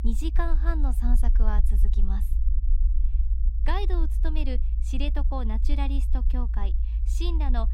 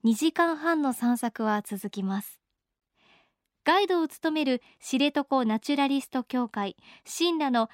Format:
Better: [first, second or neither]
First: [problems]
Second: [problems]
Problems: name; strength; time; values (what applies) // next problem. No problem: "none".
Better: second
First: low rumble; noticeable; throughout; 10 dB below the speech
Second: none